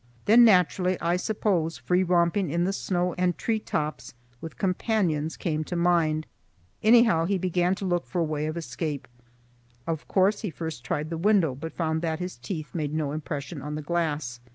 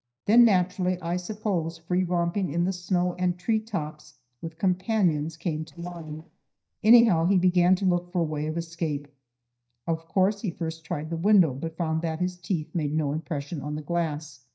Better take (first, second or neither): first